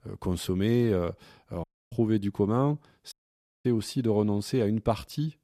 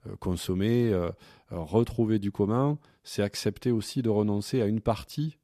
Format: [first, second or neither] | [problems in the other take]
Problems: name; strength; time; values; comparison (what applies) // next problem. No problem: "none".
second | audio cutting out; at 1.5 s and at 3 s for 0.5 s